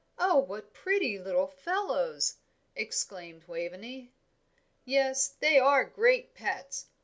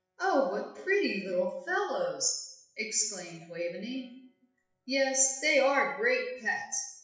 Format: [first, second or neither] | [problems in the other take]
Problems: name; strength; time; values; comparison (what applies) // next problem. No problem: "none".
first | noise reduction (classical method WPE with log-MMSE)